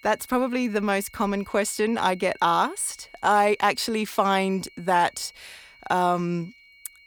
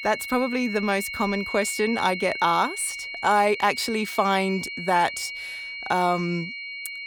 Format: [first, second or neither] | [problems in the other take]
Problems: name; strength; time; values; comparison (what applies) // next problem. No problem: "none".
first | high-pitched whine; loud; throughout; 2 kHz, 7 dB below the speech; faint in the first